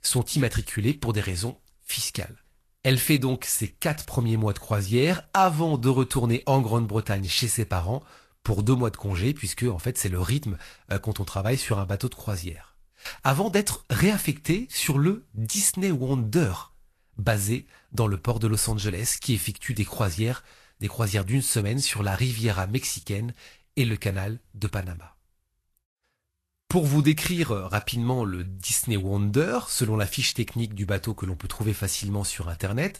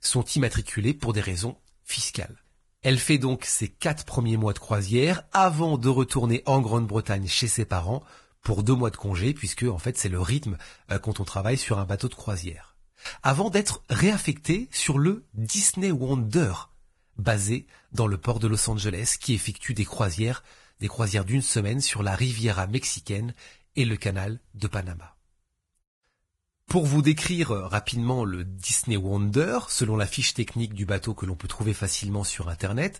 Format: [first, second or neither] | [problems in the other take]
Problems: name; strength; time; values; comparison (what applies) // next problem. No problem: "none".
first | garbled, watery; badly; nothing above 10.5 kHz; slightly in the first